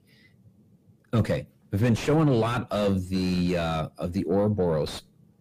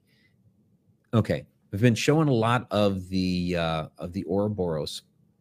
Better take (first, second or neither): second